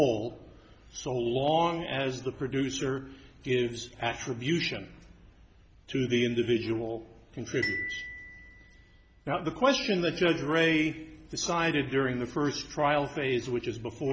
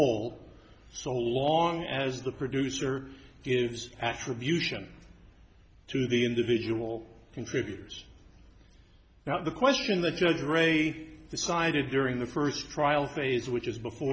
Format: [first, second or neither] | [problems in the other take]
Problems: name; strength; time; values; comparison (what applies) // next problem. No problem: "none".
second | background sound (Glockenspiel); 11 dB below the speech